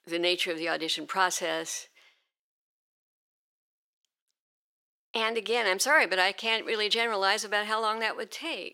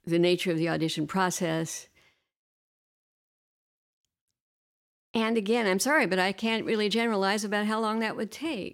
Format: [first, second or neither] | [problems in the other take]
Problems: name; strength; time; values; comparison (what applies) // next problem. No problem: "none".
second | thin; very; fading below 550 Hz